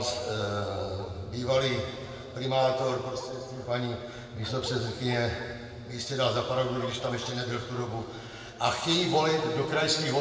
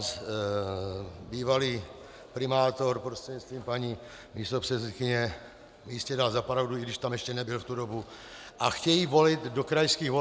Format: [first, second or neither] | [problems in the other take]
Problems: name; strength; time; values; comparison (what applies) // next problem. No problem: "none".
second | background sound (Bark); 17 dB below the speech // room echo; dies away in 2.2 s